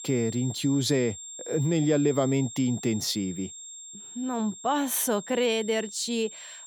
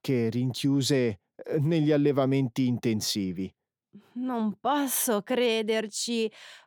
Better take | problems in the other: second | high-pitched whine; noticeable; throughout; 7.5 kHz, 10 dB below the speech

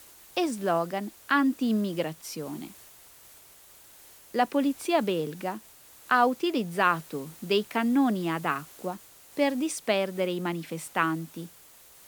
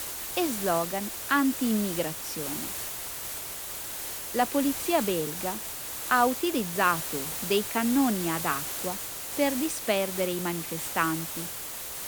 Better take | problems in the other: first | hiss; loud; throughout; 4 dB below the speech; faint in the first

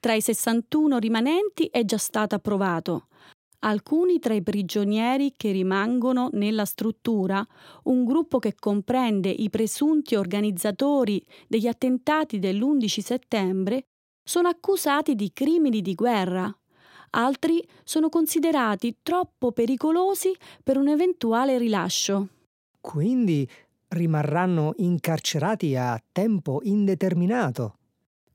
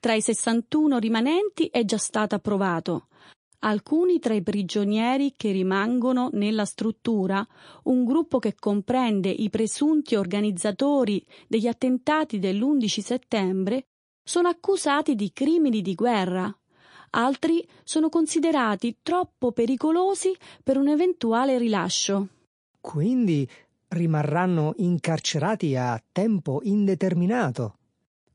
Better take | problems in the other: first | garbled, watery; slightly; nothing above 10.5 kHz

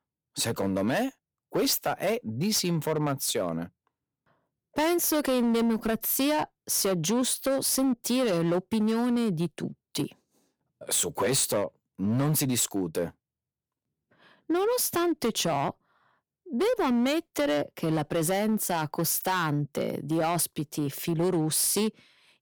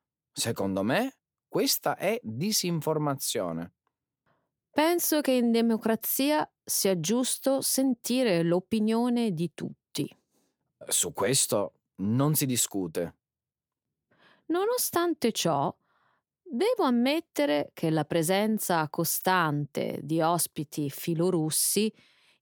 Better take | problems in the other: second | distortion; slight; 10% of the sound clipped

